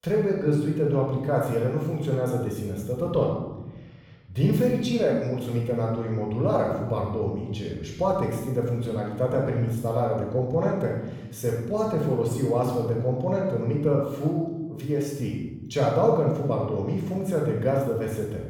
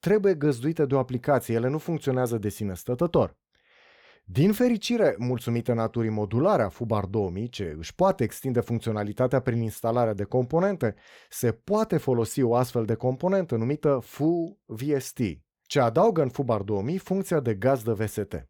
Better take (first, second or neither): second